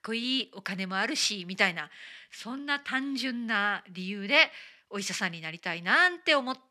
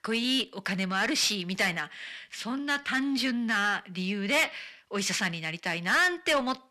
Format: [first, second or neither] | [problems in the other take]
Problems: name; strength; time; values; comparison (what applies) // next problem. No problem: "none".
first | distortion; heavy; 7 dB below the speech